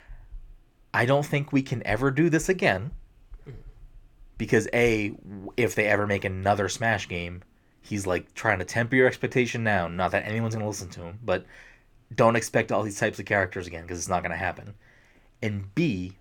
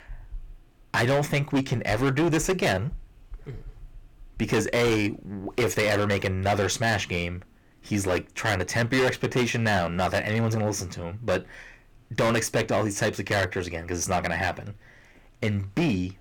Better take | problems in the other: first | distortion; heavy; 12% of the sound clipped

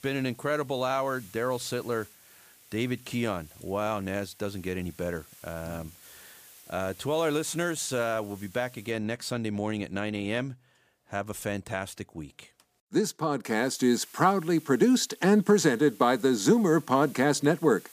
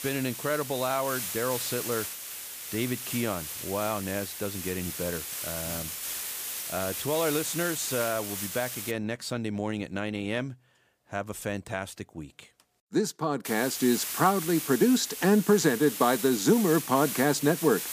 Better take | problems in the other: first | hiss; loud; until 9 s and from 13 s on; 6 dB below the speech; faint in the first

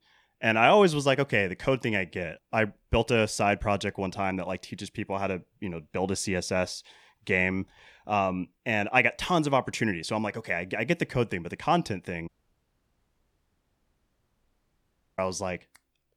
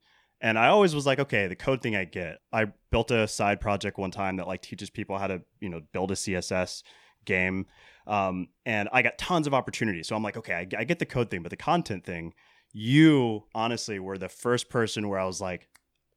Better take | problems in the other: second | audio cutting out; at 12 s for 3 s

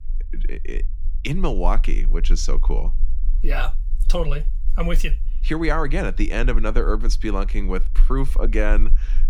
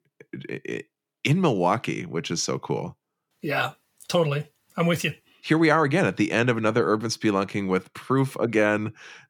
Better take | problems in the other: second | low rumble; faint; throughout; 25 dB below the speech

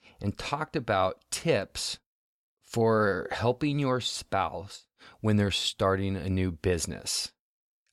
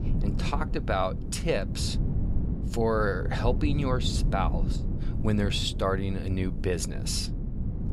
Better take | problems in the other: first | low rumble; noticeable; throughout; 10 dB below the speech

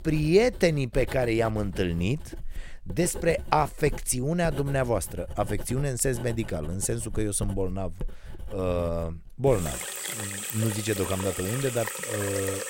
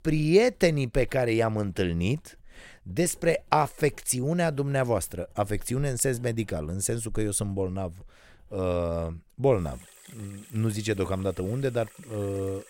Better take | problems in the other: second | household noises; loud; throughout; 9 dB below the speech; faint in the second

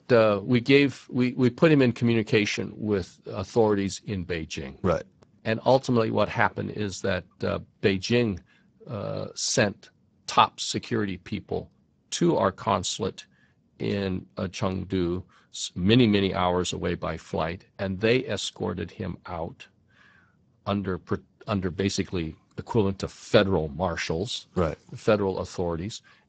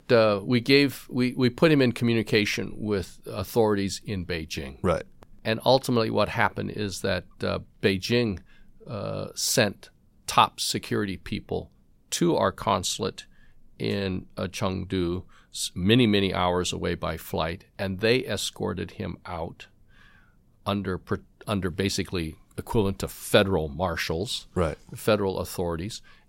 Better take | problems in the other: second | garbled, watery; badly; nothing above 8 kHz

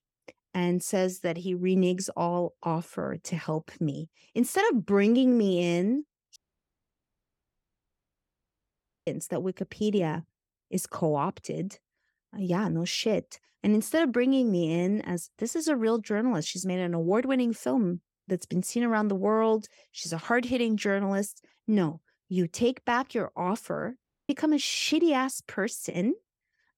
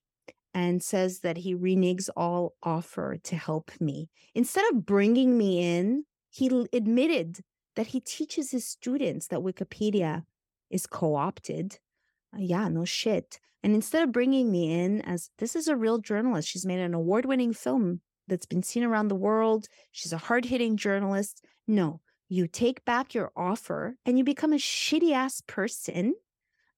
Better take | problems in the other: second | audio cutting out; at 6.5 s for 2.5 s and at 24 s

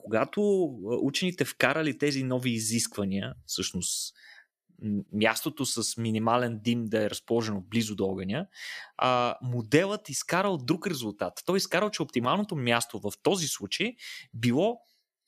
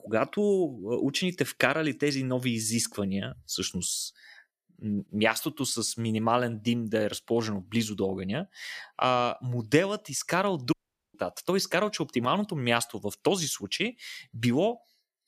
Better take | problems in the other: first | audio cutting out; at 11 s

